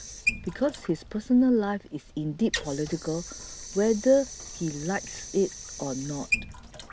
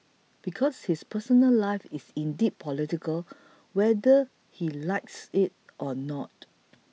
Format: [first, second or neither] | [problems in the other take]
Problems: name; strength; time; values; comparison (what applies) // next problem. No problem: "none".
second | background sound (Sink (filling or washing) / Water); 9 dB below the speech